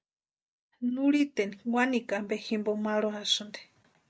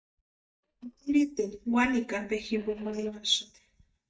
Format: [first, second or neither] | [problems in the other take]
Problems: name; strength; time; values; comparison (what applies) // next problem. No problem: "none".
first | noise reduction (neural mask model DeepFilterNet 3)